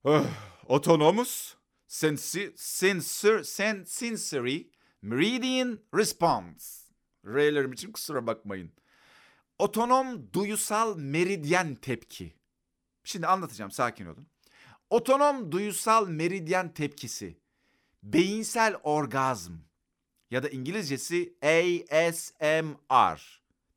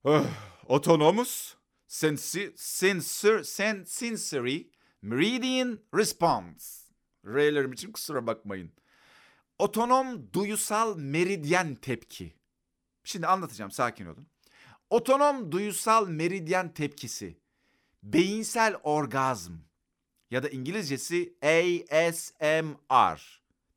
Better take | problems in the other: neither | none

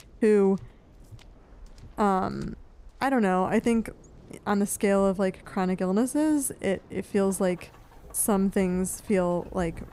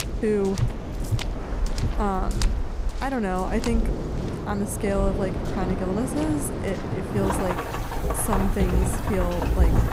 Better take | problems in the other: first | rain or running water; loud; throughout; as loud as the speech; faint in the first

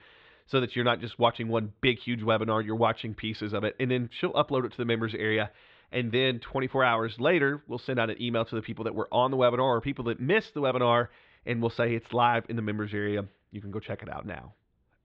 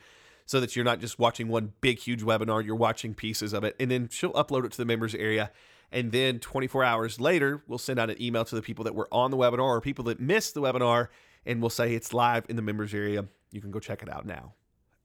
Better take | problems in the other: second | muffled; very; fading above 3.5 kHz

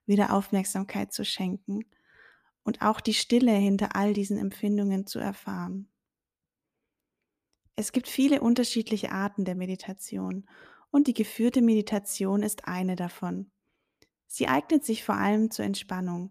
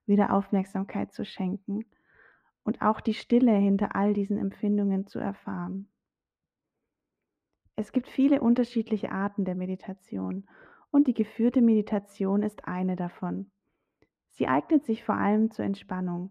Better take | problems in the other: first | muffled; very; fading above 3.5 kHz

